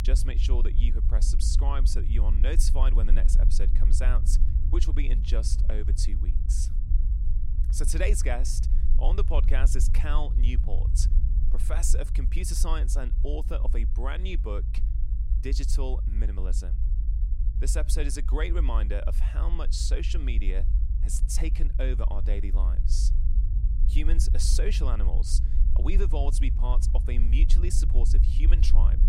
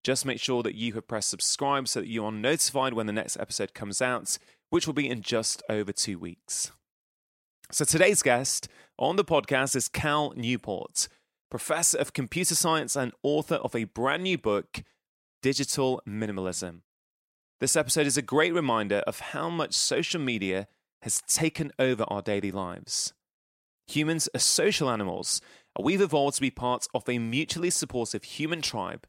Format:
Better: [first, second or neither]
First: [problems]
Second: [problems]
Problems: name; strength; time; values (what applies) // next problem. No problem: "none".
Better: second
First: low rumble; loud; throughout; 10 dB below the speech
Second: none